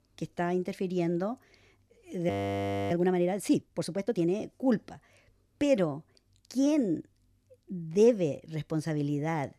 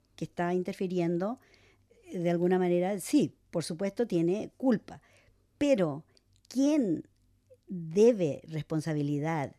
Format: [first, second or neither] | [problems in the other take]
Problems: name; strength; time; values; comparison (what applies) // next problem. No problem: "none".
second | audio freezing; at 2.5 s for 0.5 s